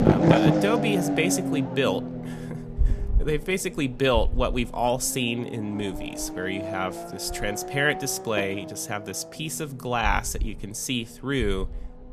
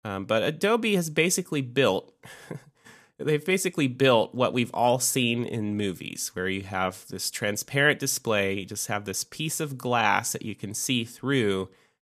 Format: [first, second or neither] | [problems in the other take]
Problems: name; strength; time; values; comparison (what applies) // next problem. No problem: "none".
second | traffic noise; loud; throughout; 2 dB below the speech